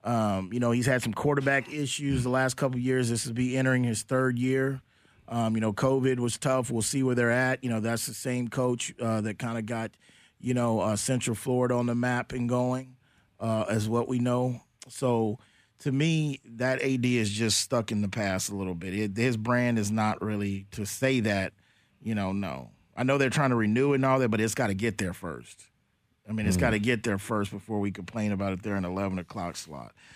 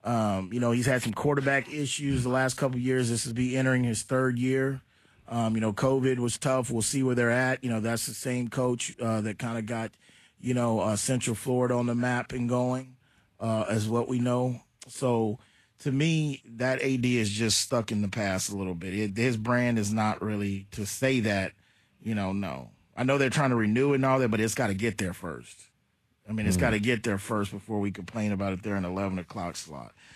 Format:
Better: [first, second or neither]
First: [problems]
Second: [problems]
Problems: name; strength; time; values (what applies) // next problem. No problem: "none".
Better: first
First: none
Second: garbled, watery; slightly; nothing above 12.5 kHz